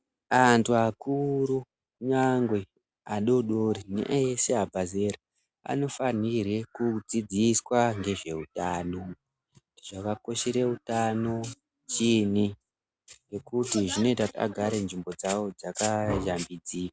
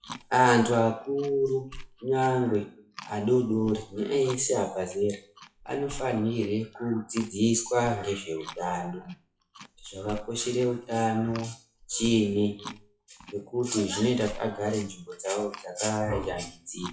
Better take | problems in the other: first | noise reduction (classical method WPE with log-MMSE)

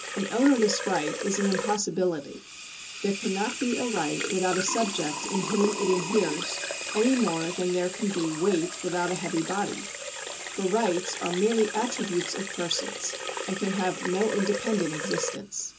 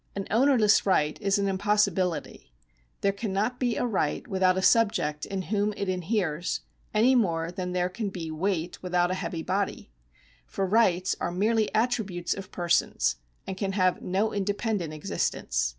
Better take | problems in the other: second | background sound (Sink (filling or washing) / Water tap, faucet); 6 dB below the speech // room echo; dies away in 0.2 s

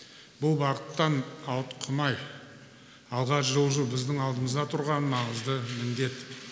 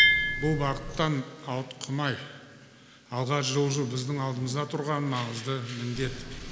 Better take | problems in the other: first | background sound (Chink, clink); 3 dB below the speech

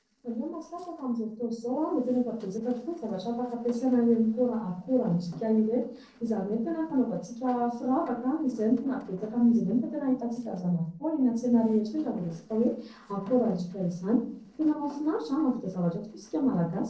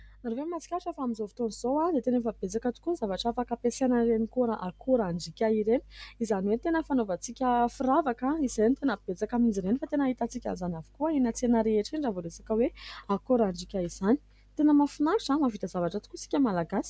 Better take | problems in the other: second | noise reduction (neural separator model SepFormer DNS4)

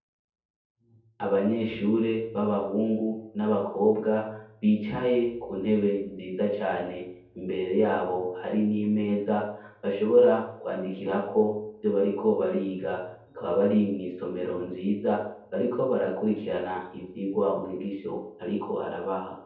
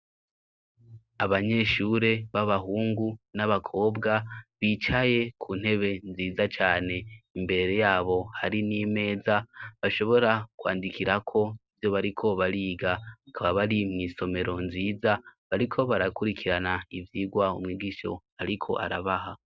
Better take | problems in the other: second | room echo; dies away in 0.7 s

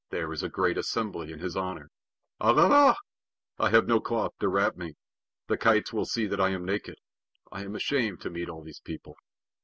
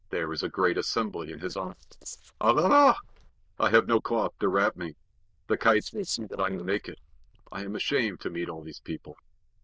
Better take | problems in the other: first | noise reduction (neural diffusion model UNIVERSE++)

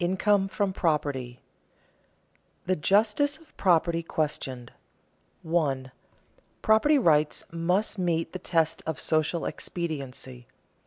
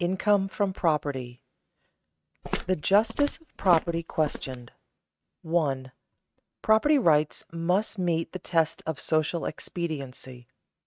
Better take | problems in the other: first | noise reduction (neural mask model RNNoise)

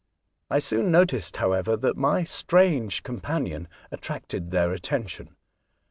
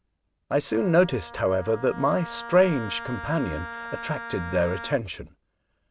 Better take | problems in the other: first | background sound (Wind instrument, woodwind instrument); 13 dB below the speech

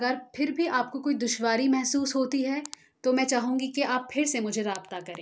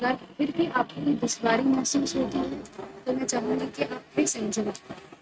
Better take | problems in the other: first | noise reduction (neural mask model RNNoise)

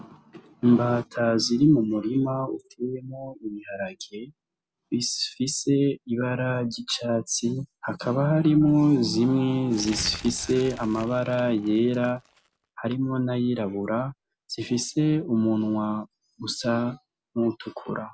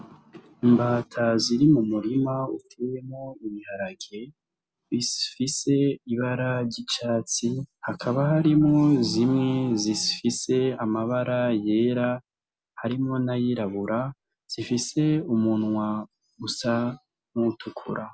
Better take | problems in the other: second | background sound (Crumpling, crinkling); 16 dB below the speech

